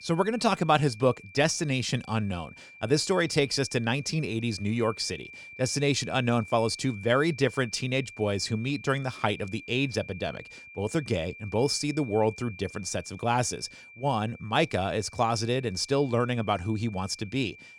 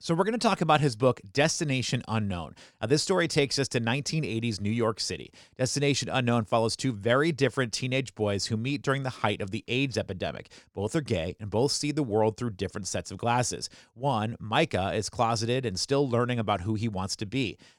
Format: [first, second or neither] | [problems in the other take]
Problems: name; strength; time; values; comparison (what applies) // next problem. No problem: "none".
second | high-pitched whine; noticeable; throughout; 2.5 kHz, 15 dB below the speech